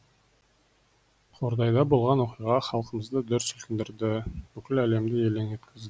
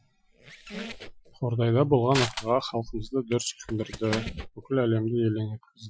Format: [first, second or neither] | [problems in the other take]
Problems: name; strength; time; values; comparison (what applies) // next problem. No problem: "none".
first | noise reduction (classical method Wiener filter)